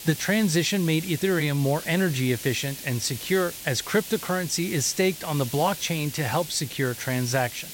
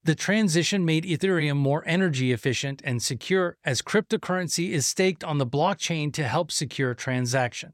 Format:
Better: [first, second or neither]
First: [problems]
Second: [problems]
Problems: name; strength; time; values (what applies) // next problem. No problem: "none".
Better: second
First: hiss; noticeable; throughout; 10 dB below the speech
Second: none